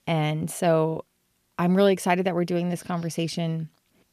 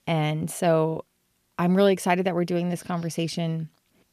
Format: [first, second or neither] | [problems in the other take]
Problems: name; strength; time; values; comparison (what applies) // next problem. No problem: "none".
neither | none